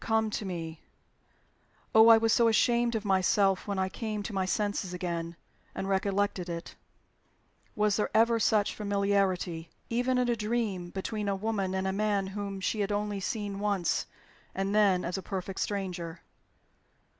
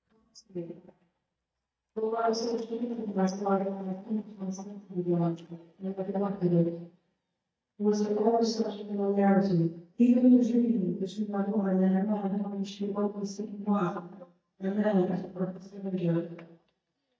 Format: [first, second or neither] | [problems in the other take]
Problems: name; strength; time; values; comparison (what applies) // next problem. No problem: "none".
first | noise reduction (neural mask model DeepFilterNet 3)